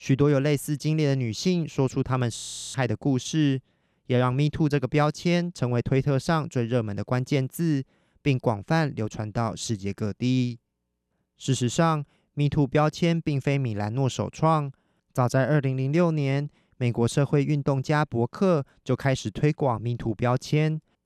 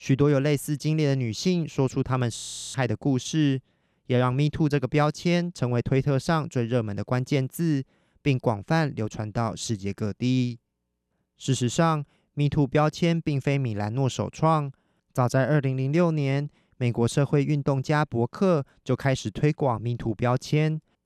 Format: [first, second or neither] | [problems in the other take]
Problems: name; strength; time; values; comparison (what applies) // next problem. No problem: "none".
neither | audio freezing; at 2.5 s; the same in both